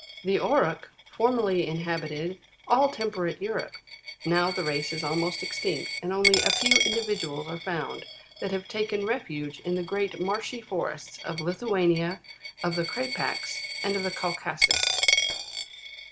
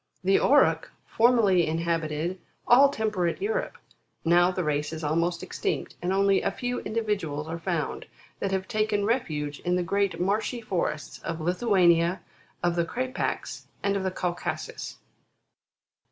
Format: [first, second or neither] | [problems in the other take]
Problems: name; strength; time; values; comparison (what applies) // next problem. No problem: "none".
second | background sound (Coin (dropping)); 3 dB below the speech